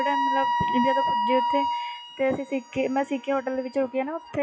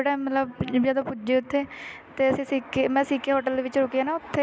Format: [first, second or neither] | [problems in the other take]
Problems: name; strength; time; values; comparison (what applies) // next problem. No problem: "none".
second | noise reduction (classical method log-MMSE)